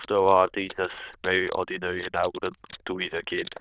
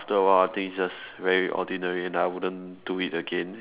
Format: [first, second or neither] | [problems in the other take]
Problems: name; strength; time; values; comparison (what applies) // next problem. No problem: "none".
second | noise reduction (neural diffusion model UNIVERSE++)